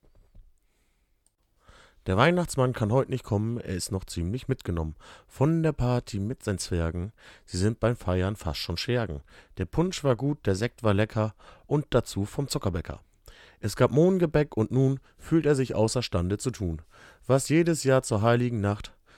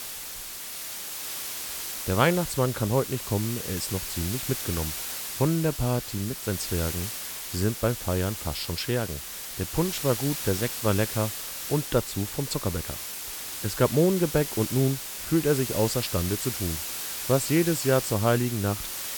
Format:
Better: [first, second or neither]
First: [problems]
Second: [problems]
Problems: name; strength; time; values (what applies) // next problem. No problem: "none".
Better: first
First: none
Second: hiss; loud; throughout; 5 dB below the speech